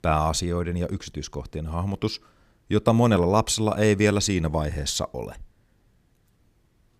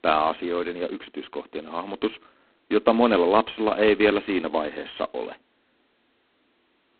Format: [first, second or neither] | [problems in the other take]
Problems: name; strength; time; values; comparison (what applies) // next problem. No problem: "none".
first | phone-call audio; poor line; nothing above 4 kHz